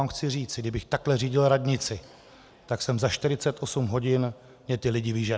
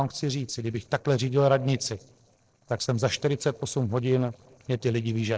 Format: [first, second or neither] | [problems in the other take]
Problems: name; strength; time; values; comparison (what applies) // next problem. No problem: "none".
first | noise reduction (neural separator model SepFormer DNS4)